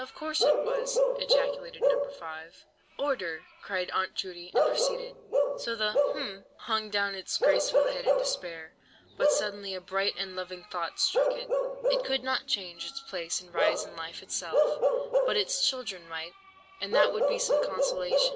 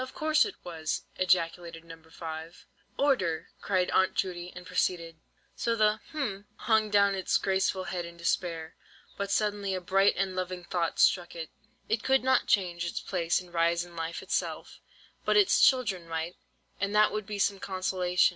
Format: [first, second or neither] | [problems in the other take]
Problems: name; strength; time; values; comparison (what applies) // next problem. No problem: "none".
second | background sound (Bark / Livestock, farm animals, working animals); 4 dB above the speech